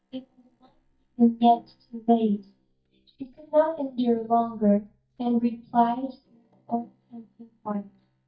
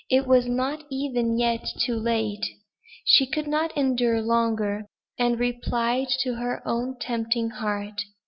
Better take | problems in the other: second | noise reduction (neural mask model DeepFilterNet 3)

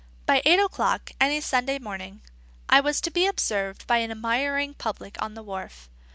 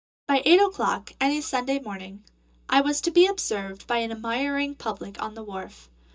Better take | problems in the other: first | noise reduction (neural mask model DeepFilterNet 3)

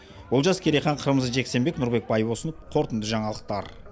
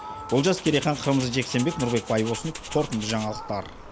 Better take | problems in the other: first | background sound (Rattle (instrument) + Fowl); 13 dB below the speech

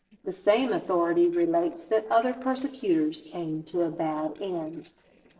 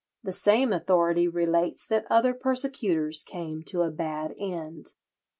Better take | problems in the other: second | noise reduction (neural separator model SepFormer DNS4)

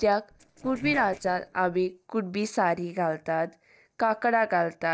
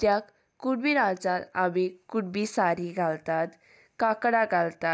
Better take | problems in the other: second | noise reduction (neural separator model SepFormer DNS4)

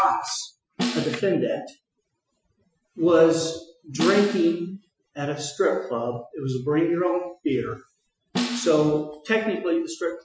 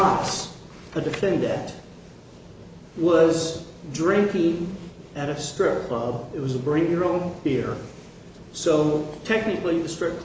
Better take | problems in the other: second | noise reduction (classical method Wiener filter)

